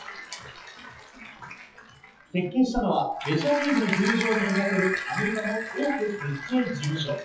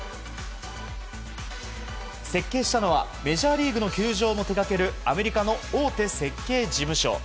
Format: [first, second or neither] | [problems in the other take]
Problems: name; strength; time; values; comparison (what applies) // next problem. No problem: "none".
second | noise reduction (classical method WPE with log-MMSE)